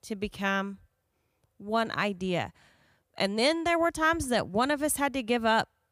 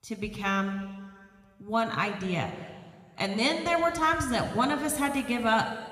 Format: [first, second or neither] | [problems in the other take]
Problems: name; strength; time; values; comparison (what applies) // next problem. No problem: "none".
first | room echo; slight; dies away in 2 s